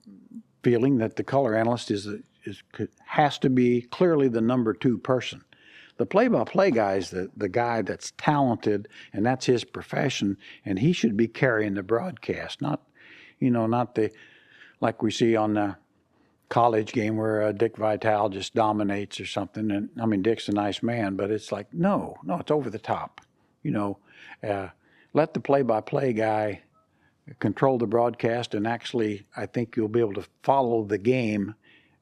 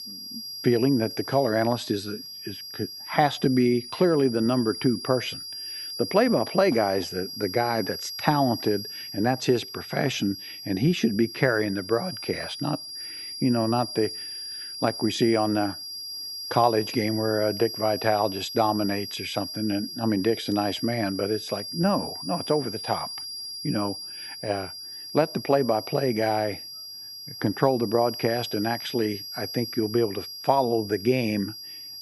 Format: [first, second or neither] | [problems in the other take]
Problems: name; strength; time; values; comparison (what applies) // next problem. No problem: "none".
first | high-pitched whine; loud; throughout; 5 kHz, 9 dB below the speech